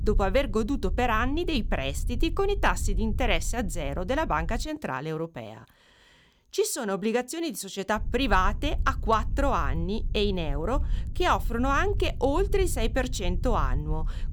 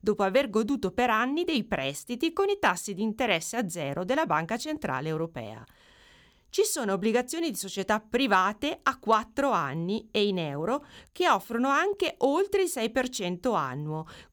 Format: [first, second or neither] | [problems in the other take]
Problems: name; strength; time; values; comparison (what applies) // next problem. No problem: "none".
second | low rumble; faint; until 4.5 s and from 8 s on; 25 dB below the speech